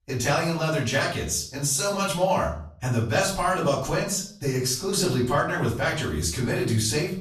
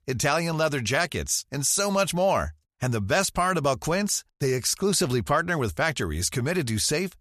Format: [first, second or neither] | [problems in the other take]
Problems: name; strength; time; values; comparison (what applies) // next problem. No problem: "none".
second | room echo; slight; dies away in 0.4 s // off-mic speech; far